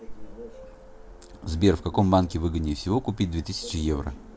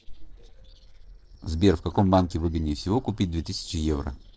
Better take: first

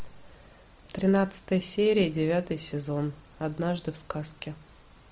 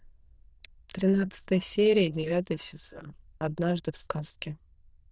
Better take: first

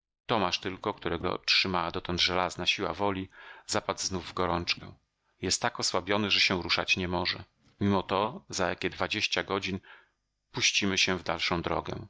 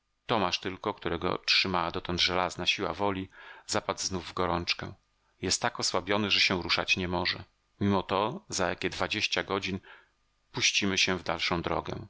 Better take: second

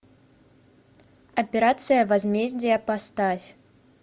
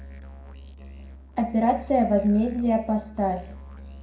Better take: first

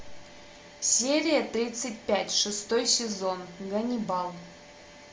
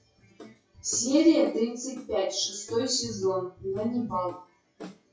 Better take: first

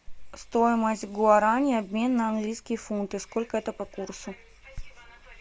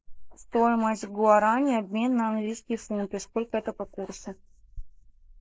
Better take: first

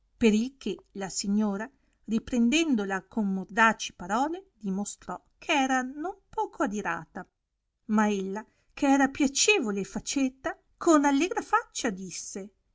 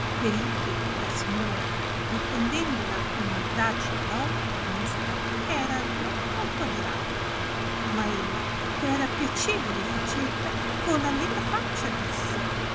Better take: first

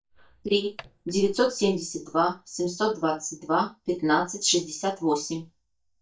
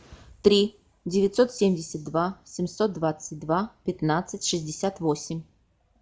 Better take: second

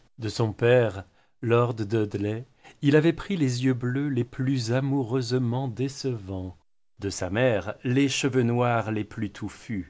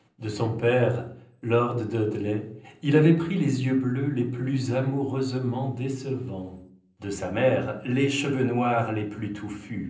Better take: first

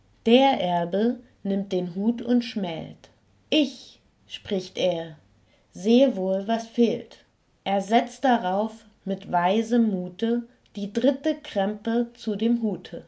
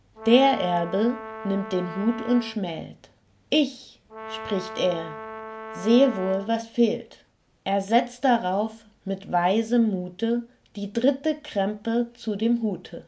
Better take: first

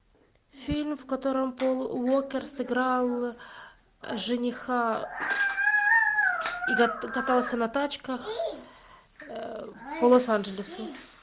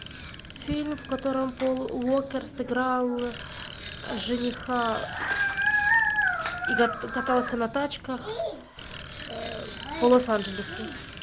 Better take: first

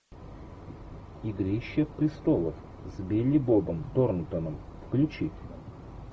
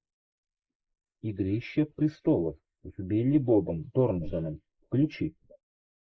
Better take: first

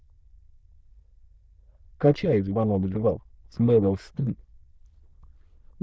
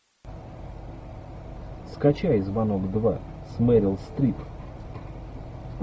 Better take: second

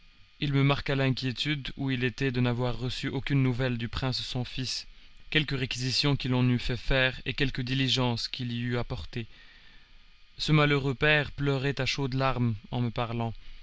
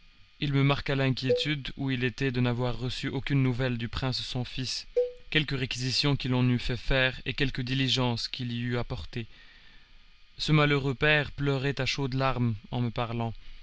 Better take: first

